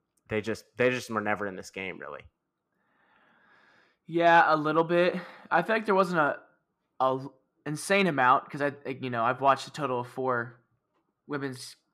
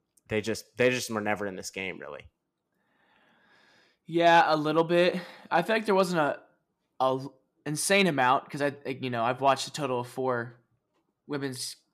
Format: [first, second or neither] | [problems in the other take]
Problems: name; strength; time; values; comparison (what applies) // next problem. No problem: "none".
second | muffled; very slightly; fading above 3.5 kHz